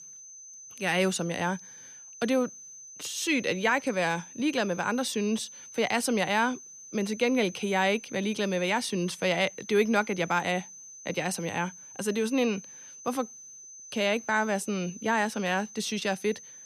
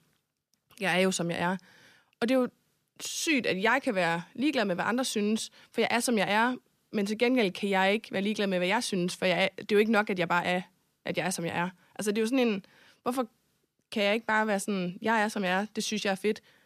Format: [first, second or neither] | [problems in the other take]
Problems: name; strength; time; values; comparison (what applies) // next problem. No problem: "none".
second | high-pitched whine; noticeable; throughout; 6 kHz, 15 dB below the speech